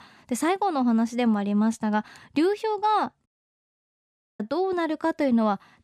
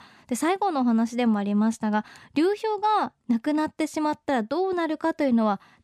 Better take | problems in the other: second | audio cutting out; at 3.5 s for 1 s

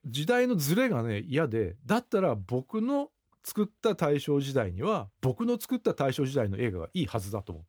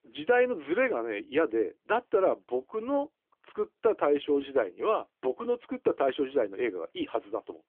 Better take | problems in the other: first | phone-call audio; nothing above 3.5 kHz

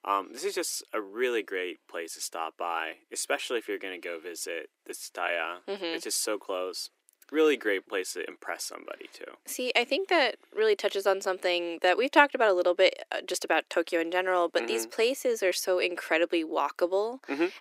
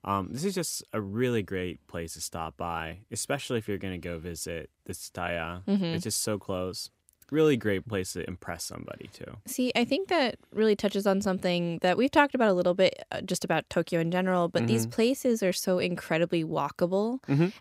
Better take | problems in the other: second | thin; very; fading below 300 Hz

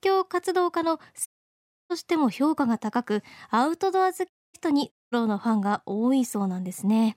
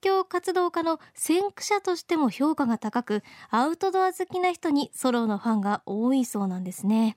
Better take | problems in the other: second | audio cutting out; at 1.5 s for 0.5 s, at 4.5 s and at 5 s

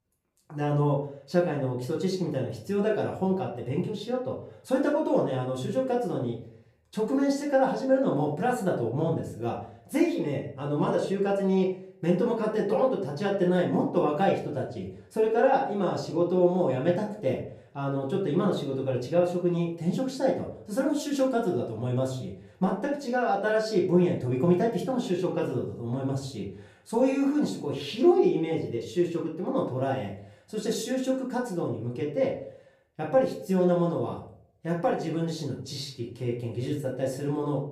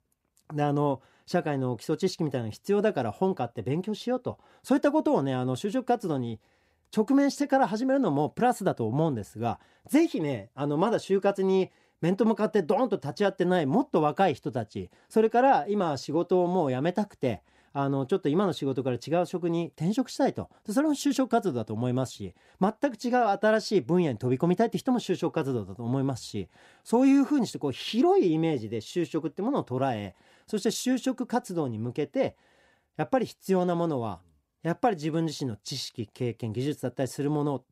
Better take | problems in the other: second | room echo; slight; dies away in 0.4 s // off-mic speech; far

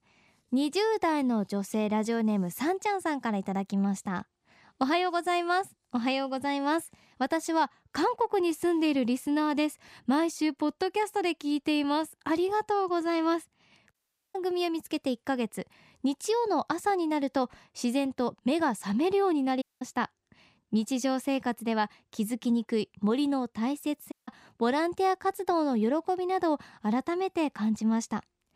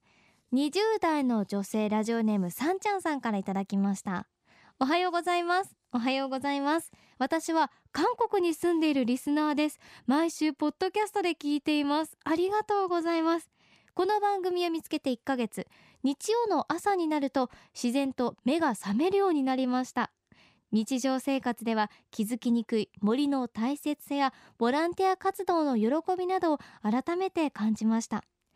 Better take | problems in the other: second | audio cutting out; at 14 s, at 20 s and at 24 s

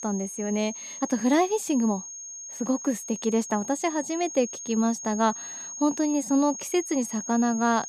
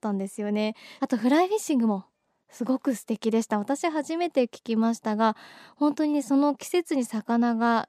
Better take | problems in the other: second | high-pitched whine; loud; throughout; 6.5 kHz, 9 dB below the speech

